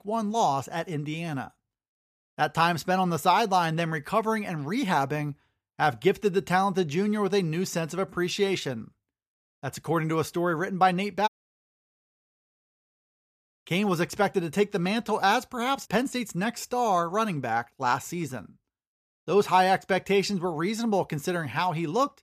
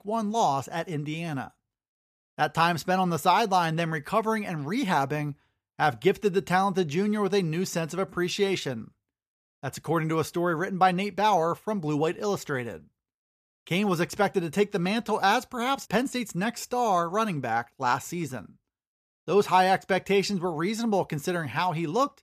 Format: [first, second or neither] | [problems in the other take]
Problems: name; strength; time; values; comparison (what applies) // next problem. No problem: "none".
second | audio cutting out; at 11 s for 2 s